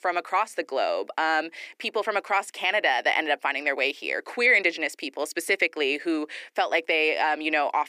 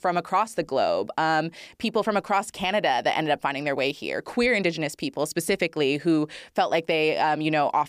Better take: second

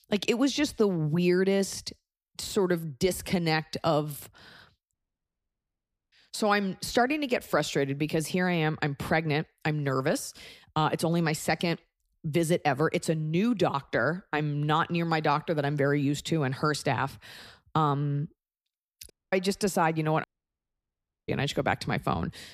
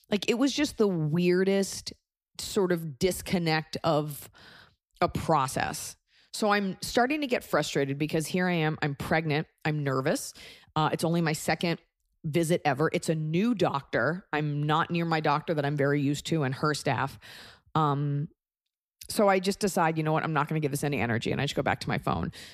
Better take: second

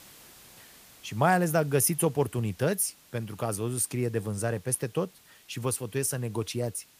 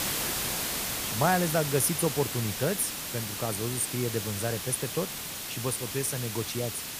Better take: first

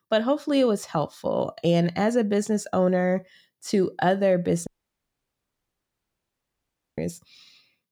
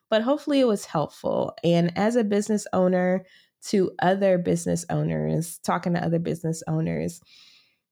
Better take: second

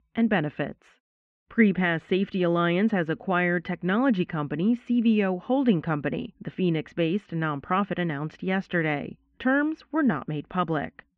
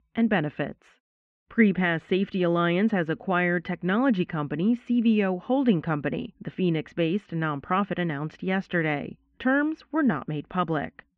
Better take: neither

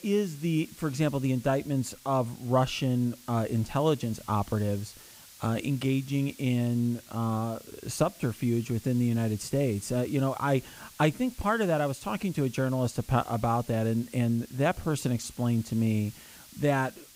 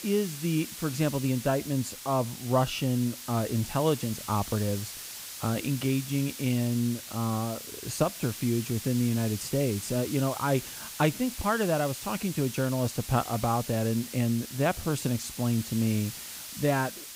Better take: first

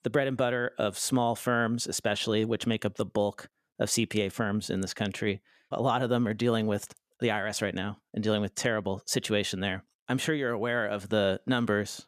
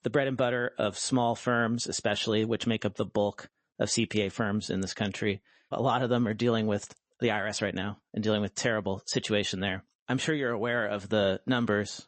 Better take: first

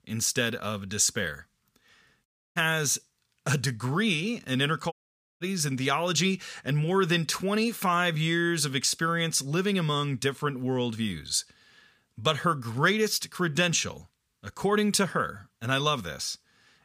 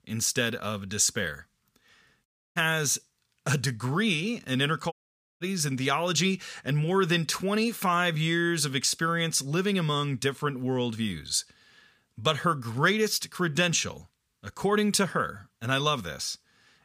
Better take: neither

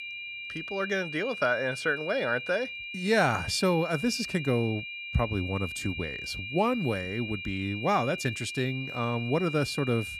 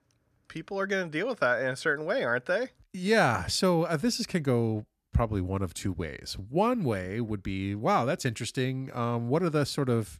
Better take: second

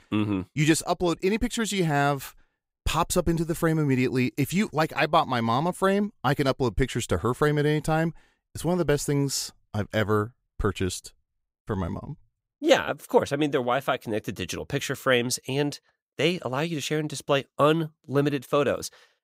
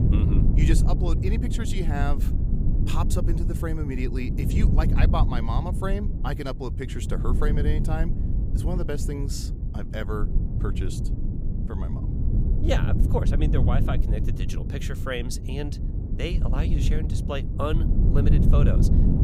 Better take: first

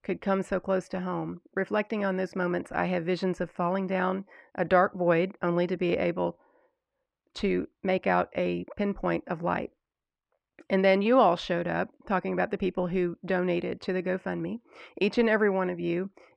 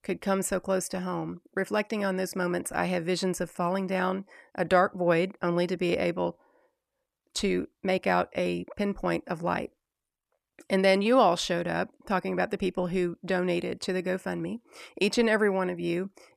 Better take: second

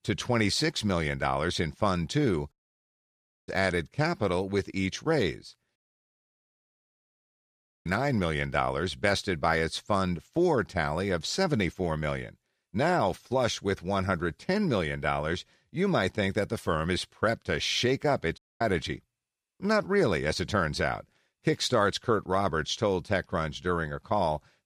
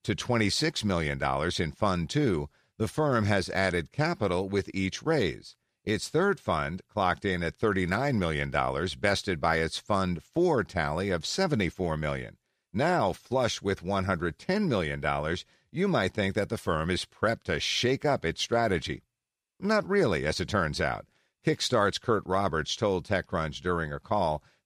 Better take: second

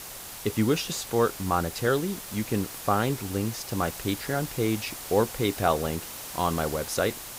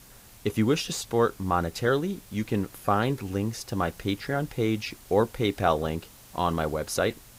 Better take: second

